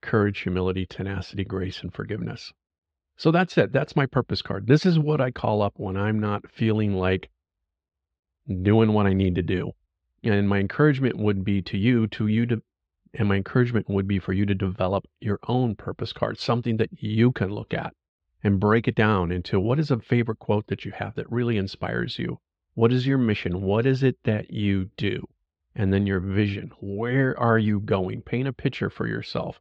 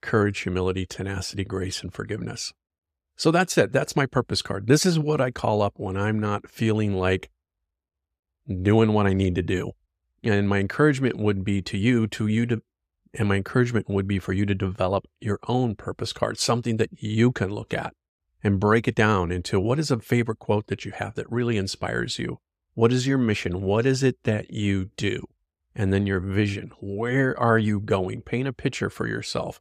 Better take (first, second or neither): second